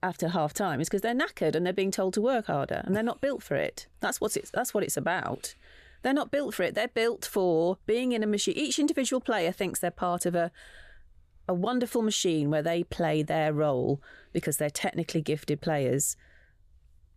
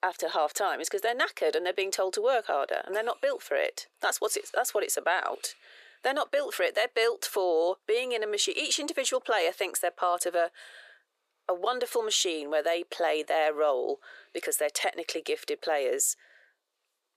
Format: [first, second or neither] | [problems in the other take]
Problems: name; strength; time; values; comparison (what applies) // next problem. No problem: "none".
first | thin; very; fading below 400 Hz